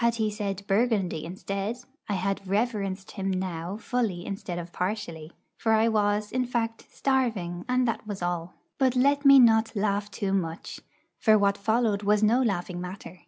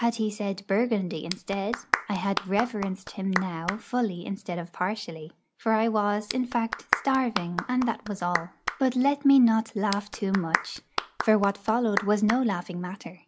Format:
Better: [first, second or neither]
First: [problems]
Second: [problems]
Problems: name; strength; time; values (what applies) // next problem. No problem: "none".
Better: first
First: none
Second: background sound (Clapping); 8 dB below the speech